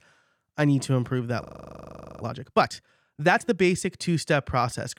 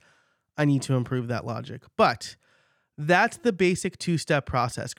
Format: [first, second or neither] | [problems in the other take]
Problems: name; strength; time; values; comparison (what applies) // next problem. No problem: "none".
second | audio freezing; at 1.5 s for 1 s